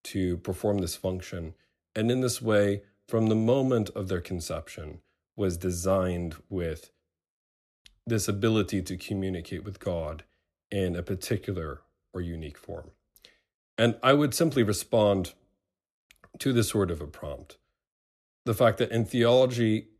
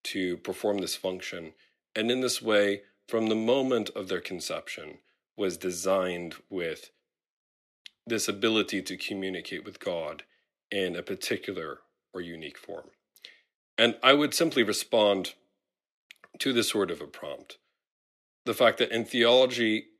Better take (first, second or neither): first